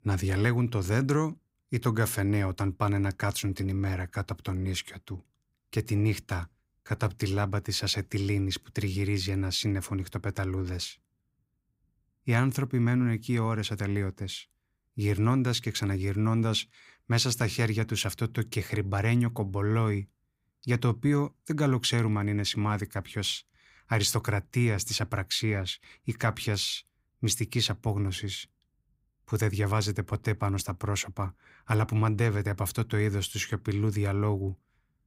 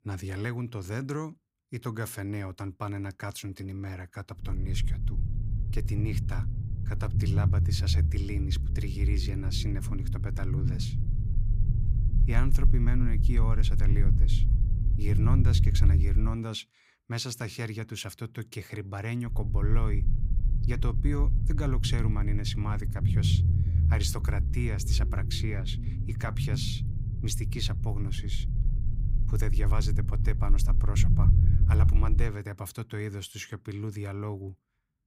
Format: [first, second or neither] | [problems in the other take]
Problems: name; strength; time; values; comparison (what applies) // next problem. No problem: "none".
first | low rumble; loud; from 4.5 to 16 s and from 19 to 32 s; 5 dB below the speech